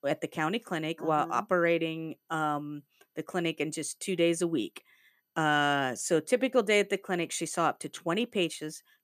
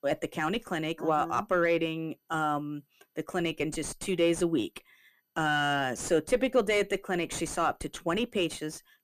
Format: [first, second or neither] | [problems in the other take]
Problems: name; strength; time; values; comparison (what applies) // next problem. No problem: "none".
first | distortion; slight; 9 dB below the speech